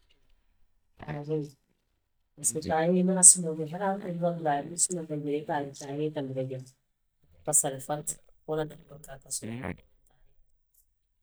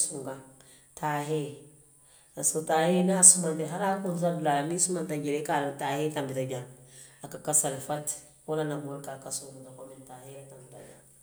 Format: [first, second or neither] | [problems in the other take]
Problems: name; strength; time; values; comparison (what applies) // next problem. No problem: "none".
second | noise reduction (neural mask model DeepFilterNet 3)